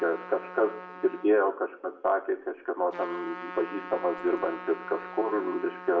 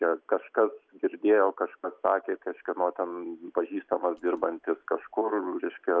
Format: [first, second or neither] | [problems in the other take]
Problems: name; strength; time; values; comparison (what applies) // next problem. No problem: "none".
second | background sound (Trumpet); 14 dB below the speech // room echo; dies away in 0.7 s